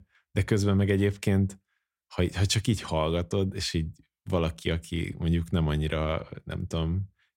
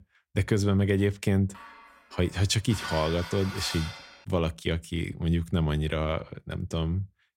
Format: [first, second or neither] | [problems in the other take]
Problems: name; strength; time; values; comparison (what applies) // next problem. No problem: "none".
first | clattering dishes; noticeable; from 1.5 to 4 s; peak 7 dB below the speech